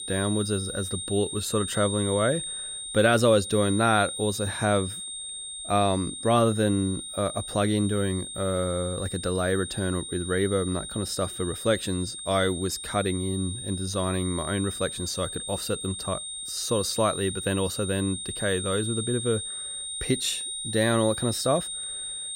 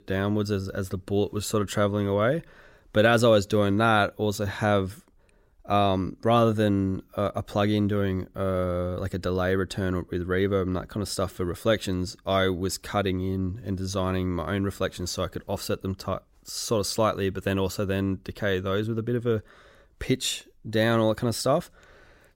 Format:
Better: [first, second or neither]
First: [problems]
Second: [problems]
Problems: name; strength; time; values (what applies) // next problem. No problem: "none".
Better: second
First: high-pitched whine; loud; throughout; 8.5 kHz, 6 dB below the speech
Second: none